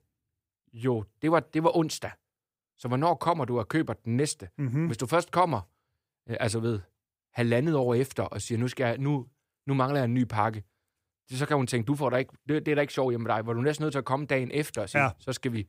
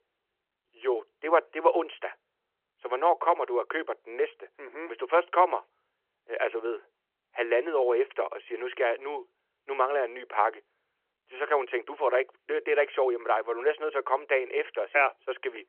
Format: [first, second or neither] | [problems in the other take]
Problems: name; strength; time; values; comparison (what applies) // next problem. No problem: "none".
first | phone-call audio